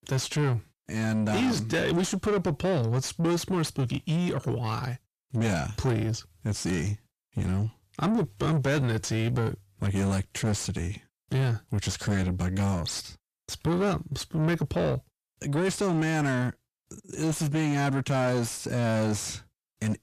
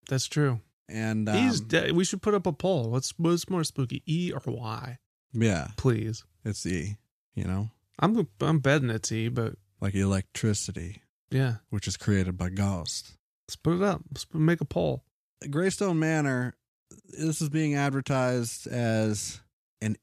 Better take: second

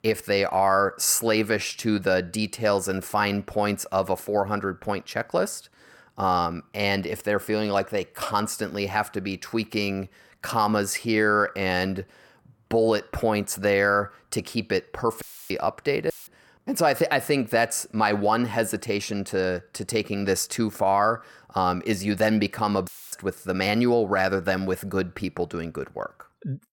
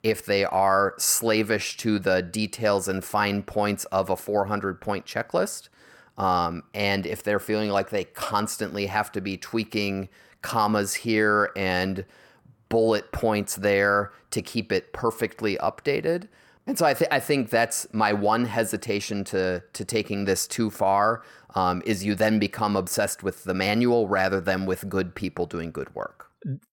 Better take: second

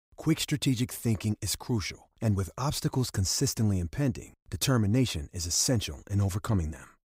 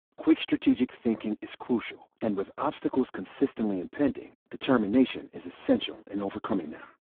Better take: first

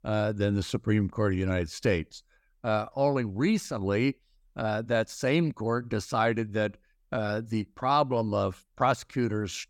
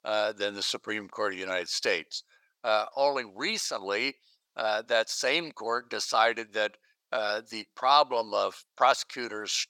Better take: first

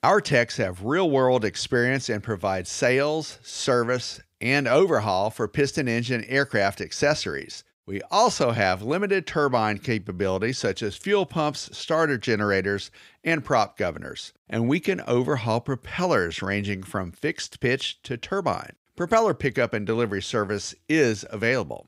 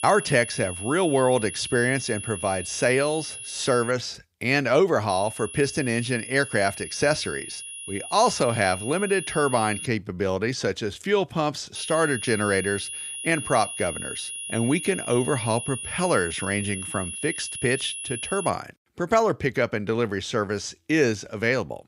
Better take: first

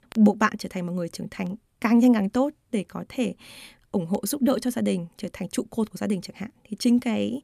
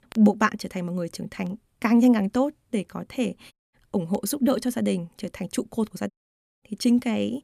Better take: first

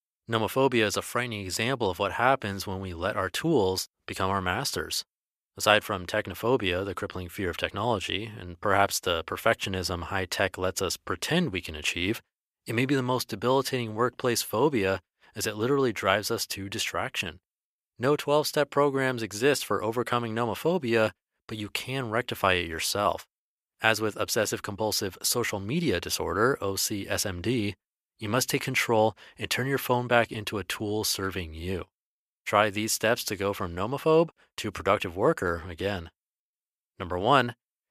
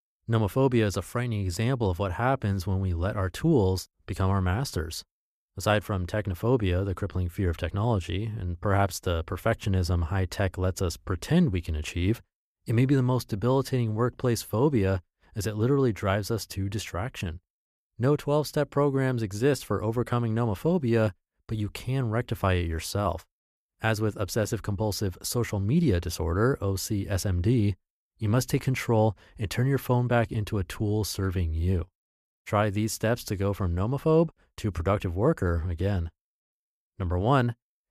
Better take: second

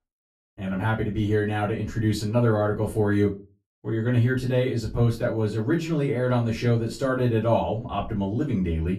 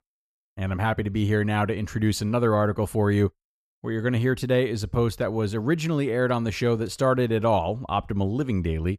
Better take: second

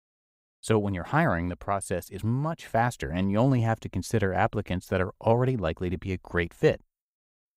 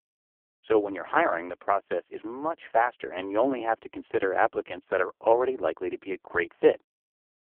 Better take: first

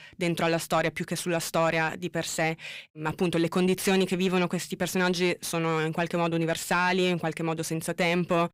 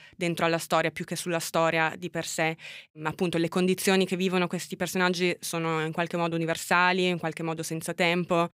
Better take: second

